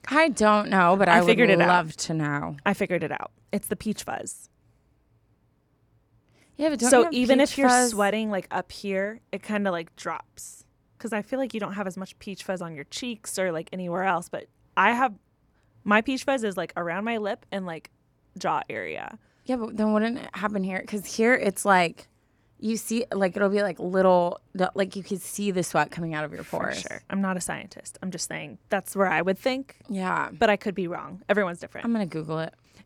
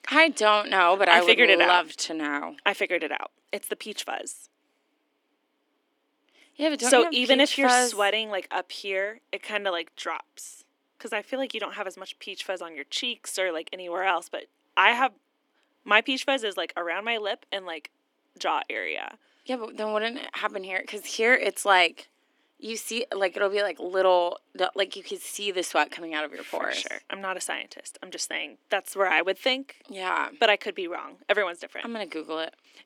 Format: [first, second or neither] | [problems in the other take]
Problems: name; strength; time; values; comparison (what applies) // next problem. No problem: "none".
first | thin; somewhat; fading below 300 Hz